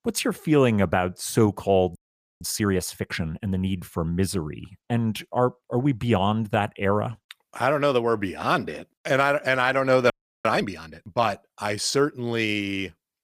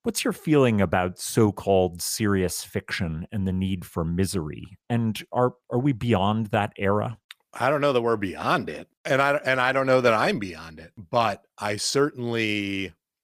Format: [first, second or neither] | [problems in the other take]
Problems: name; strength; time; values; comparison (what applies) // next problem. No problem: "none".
second | audio freezing; at 2 s and at 10 s